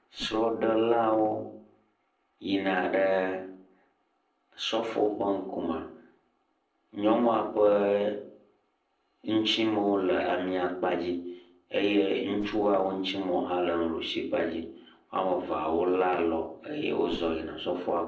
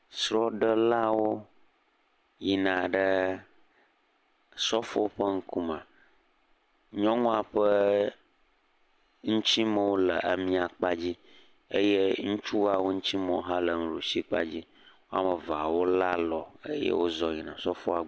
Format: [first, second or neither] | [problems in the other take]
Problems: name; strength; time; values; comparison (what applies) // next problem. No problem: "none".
second | noise reduction (neural separator model SepFormer DNS4)